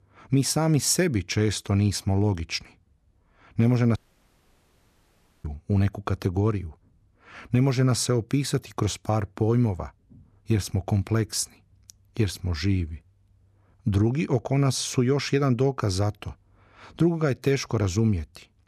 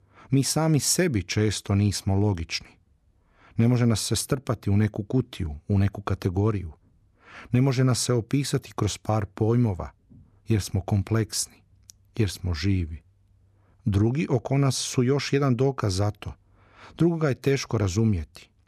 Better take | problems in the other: second | audio cutting out; at 4 s for 1.5 s

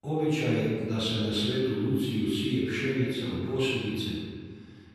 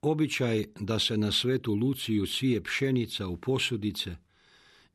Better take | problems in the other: second | room echo; strong; dies away in 1.7 s // off-mic speech; far

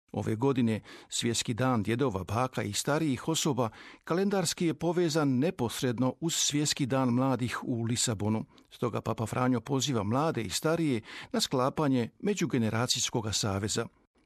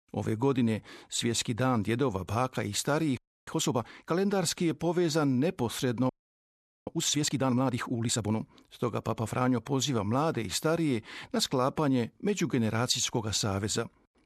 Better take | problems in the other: first | audio freezing; at 3 s and at 6 s for 1 s

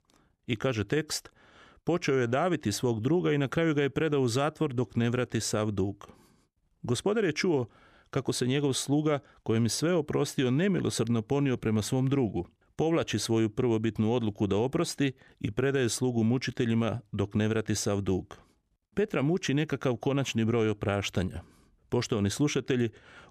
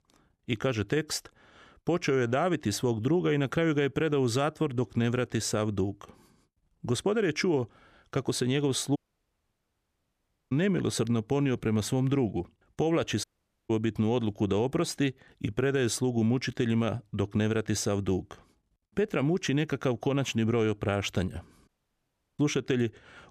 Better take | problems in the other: first | audio cutting out; at 9 s for 1.5 s, at 13 s and at 22 s for 0.5 s

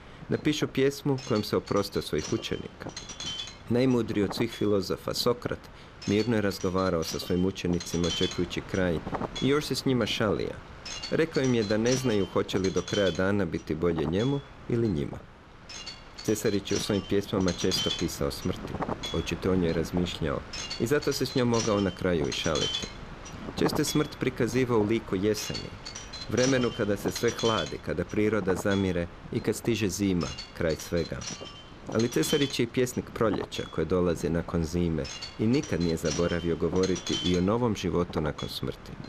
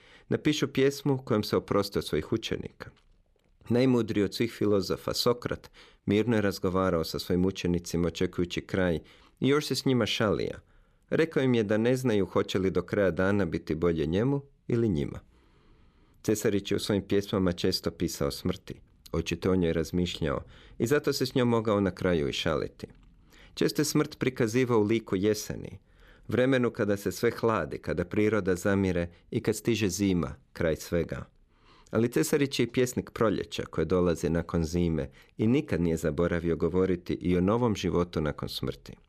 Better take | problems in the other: second | wind noise on the microphone; heavy; 7 dB below the speech

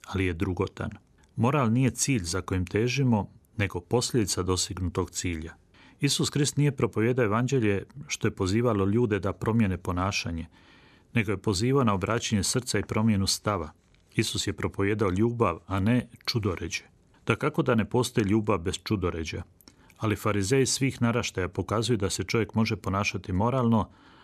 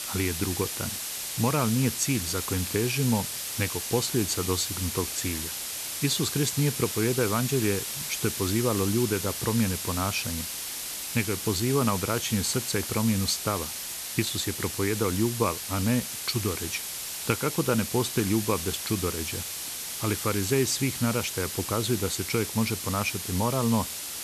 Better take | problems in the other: first | hiss; loud; throughout; 3 dB below the speech

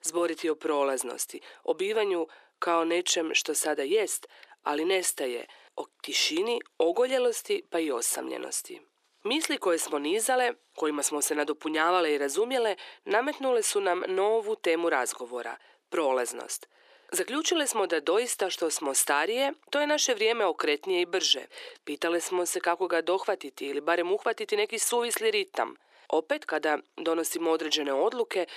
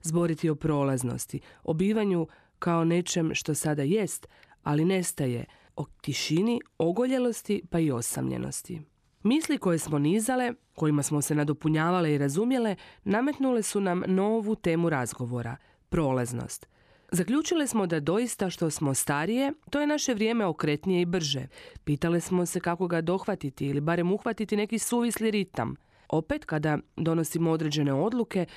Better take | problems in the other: second | thin; very; fading below 350 Hz

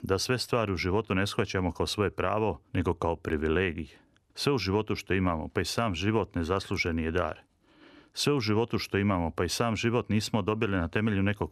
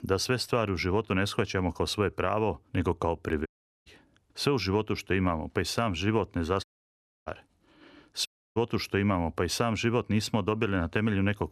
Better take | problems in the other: first | audio cutting out; at 3.5 s, at 6.5 s for 0.5 s and at 8.5 s

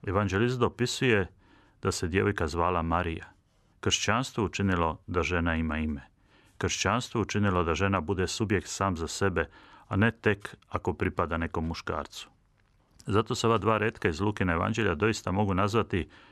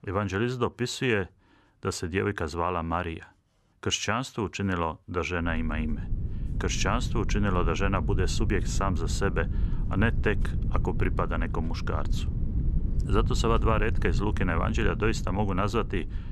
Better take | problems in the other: first | low rumble; noticeable; from 5.5 s on; 15 dB below the speech

